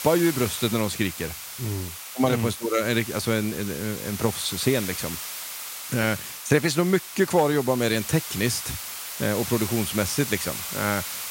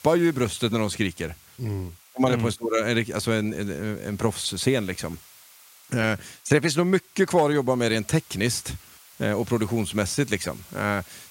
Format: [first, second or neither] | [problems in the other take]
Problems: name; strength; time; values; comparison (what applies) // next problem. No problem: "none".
second | hiss; loud; throughout; 7 dB below the speech; faint in the second